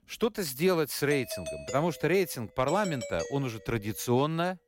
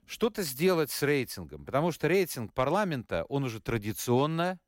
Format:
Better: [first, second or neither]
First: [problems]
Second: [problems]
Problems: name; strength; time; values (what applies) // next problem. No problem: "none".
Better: second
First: doorbell; noticeable; from 1 to 4 s; peak 9 dB below the speech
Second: none